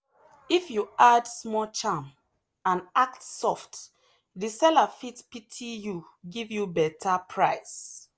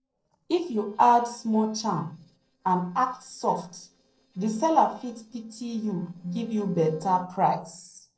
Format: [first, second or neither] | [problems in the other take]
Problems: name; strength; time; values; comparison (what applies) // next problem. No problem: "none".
first | noise reduction (neural separator model SepFormer DNS4)